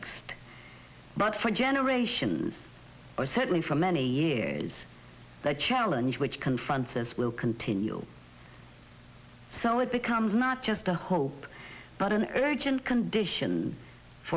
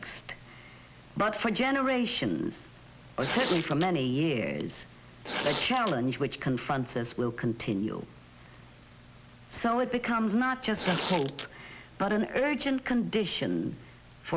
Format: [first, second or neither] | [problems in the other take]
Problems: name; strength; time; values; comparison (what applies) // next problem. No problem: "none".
first | background sound (Tearing); 5 dB below the speech